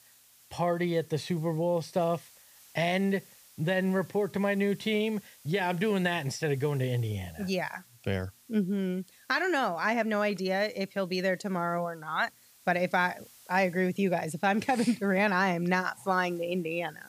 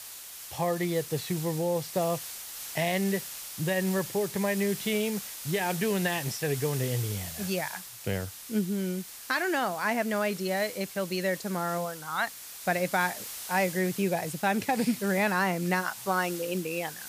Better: first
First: hiss; faint; throughout; 25 dB below the speech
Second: hiss; loud; throughout; 9 dB below the speech

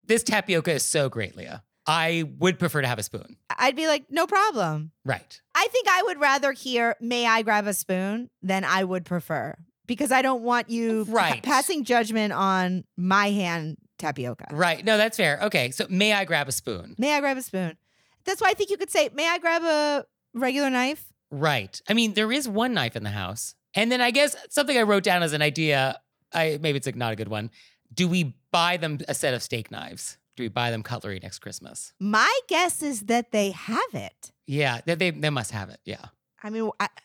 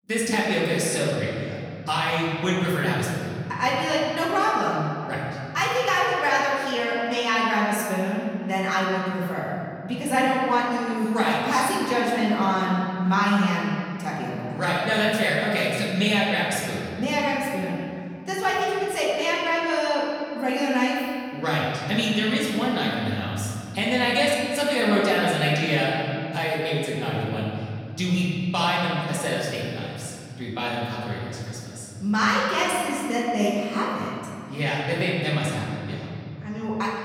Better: first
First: none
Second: room echo; strong; dies away in 2.6 s // off-mic speech; far

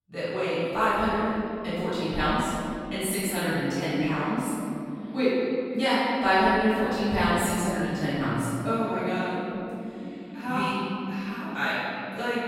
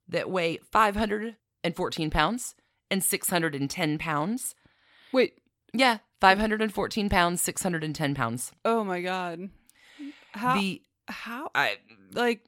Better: second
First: off-mic speech; far // room echo; strong; dies away in 3 s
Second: none

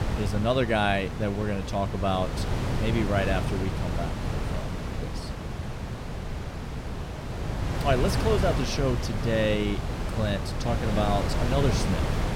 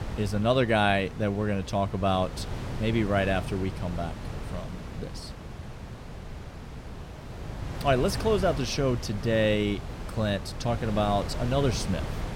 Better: second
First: wind noise on the microphone; heavy; 6 dB below the speech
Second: wind noise on the microphone; occasional gusts; 15 dB below the speech

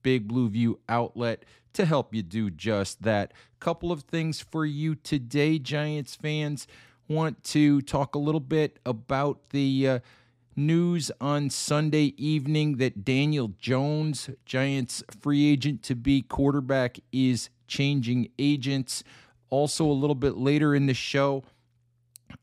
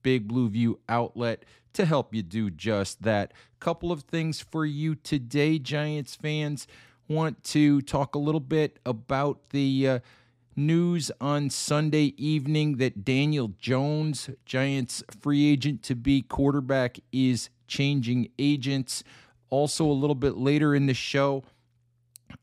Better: neither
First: none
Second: none

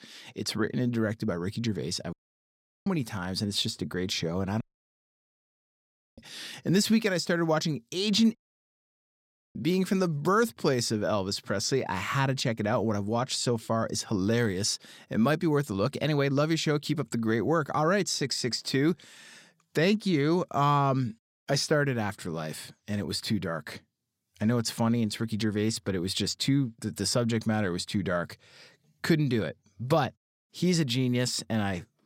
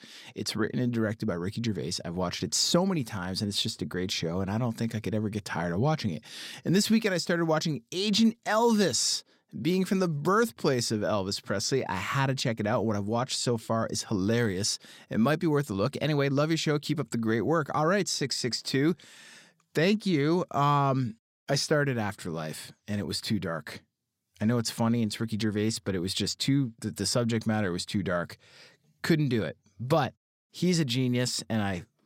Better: second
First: audio cutting out; at 2 s for 0.5 s, at 4.5 s for 1.5 s and at 8.5 s for 1 s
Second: none

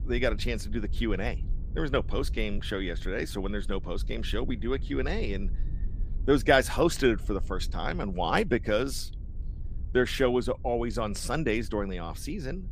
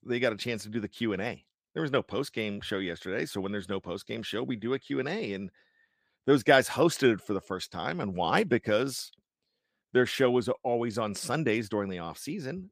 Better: second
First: low rumble; faint; throughout; 25 dB below the speech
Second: none

